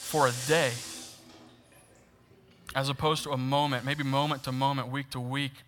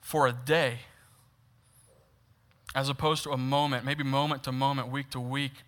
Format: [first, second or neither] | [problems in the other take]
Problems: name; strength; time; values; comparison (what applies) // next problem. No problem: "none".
second | household noises; loud; throughout; 10 dB below the speech